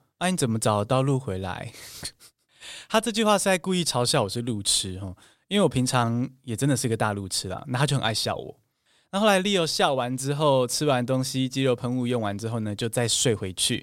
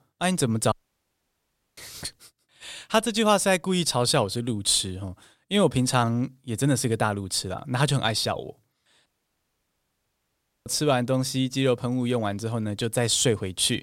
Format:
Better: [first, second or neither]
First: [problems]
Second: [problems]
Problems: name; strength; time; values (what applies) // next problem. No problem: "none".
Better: first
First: none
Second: audio cutting out; at 0.5 s for 1 s and at 9 s for 1.5 s